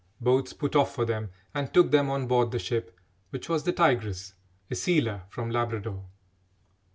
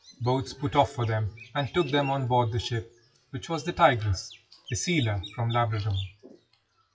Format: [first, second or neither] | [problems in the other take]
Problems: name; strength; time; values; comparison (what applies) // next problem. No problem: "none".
first | noise reduction (classical method WPE with log-MMSE)